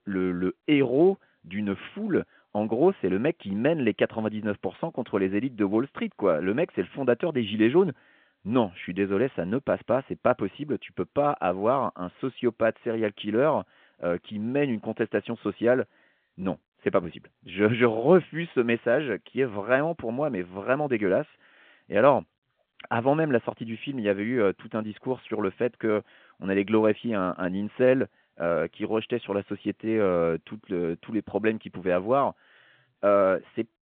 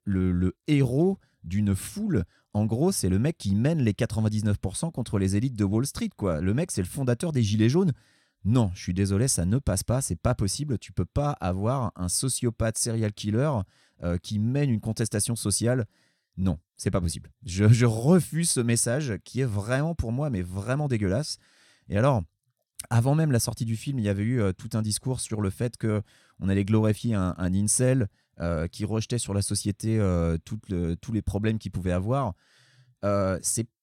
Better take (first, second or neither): second